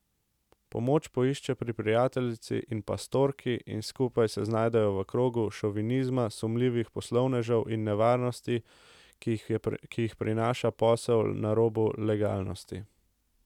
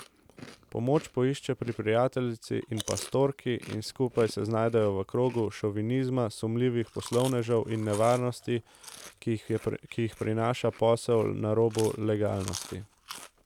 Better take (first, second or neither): first